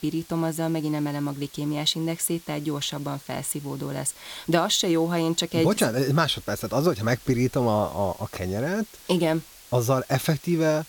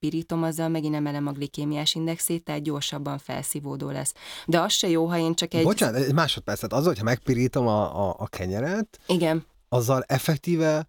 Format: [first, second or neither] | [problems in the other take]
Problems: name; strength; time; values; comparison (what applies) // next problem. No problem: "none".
second | hiss; faint; throughout; 20 dB below the speech